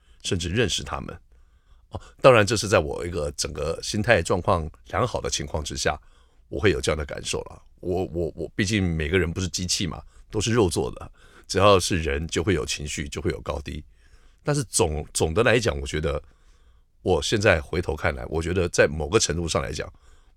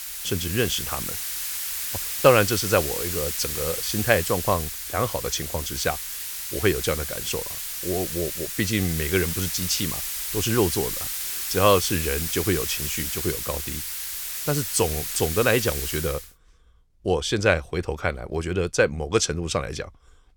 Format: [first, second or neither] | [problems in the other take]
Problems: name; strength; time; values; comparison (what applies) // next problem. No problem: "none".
first | hiss; loud; until 16 s; 3 dB below the speech